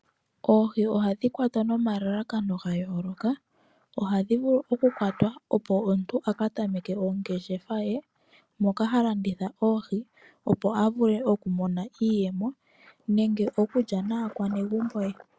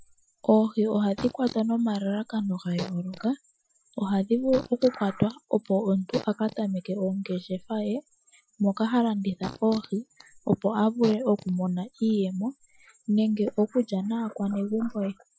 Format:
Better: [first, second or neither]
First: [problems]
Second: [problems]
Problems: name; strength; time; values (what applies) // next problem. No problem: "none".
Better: first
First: none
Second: noise reduction (classical method Wiener filter)